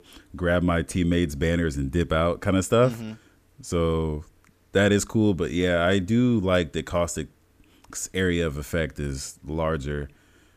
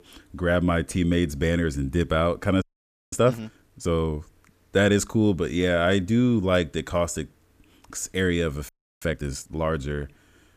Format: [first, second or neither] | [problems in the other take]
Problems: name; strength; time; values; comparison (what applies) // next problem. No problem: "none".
first | audio freezing; at 2.5 s for 0.5 s and at 8.5 s